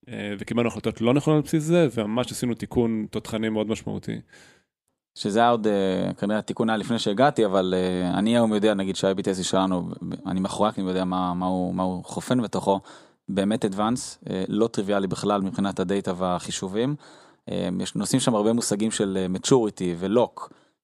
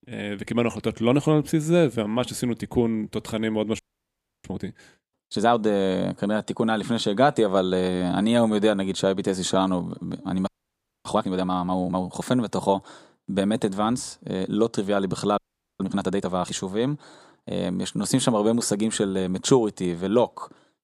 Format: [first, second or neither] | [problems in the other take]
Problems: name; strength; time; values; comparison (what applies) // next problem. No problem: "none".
first | audio freezing; at 4 s for 0.5 s, at 10 s for 0.5 s and at 15 s